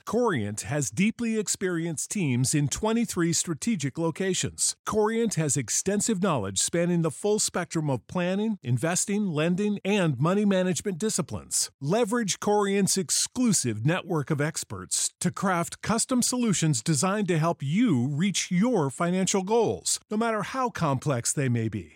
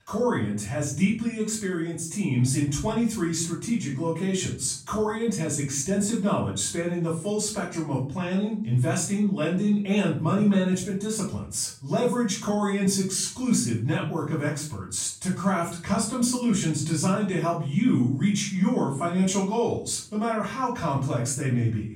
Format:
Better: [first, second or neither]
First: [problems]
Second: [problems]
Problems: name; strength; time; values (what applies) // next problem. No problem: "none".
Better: first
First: none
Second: off-mic speech; far // room echo; slight; dies away in 0.4 s